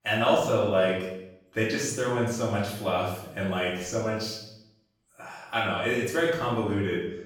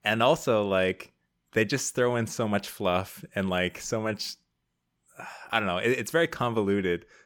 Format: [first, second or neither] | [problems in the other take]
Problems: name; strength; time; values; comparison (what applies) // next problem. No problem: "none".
second | off-mic speech; far // room echo; noticeable; dies away in 0.7 s